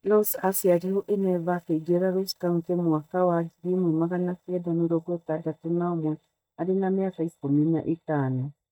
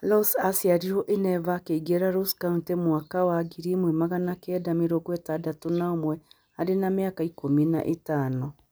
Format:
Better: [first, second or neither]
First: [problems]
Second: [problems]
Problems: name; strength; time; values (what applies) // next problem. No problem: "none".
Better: second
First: noise reduction (neural mask model DeepFilterNet 3)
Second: none